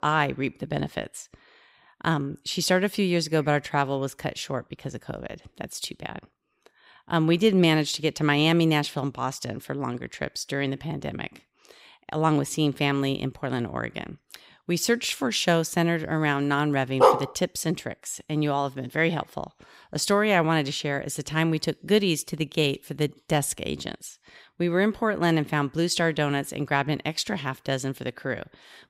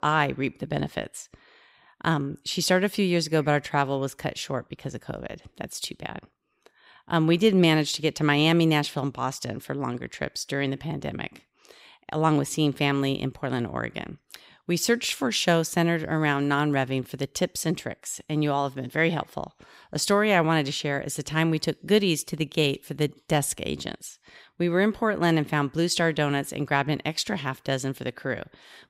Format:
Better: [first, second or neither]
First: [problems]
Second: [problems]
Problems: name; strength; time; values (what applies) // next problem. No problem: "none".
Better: second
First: dog barking; loud; at 17 s; peak 6 dB above the speech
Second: none